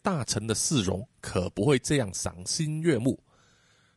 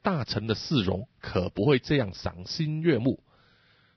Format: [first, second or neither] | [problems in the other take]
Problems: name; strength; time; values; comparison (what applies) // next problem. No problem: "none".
first | garbled, watery; badly; nothing above 5.5 kHz; slightly in the first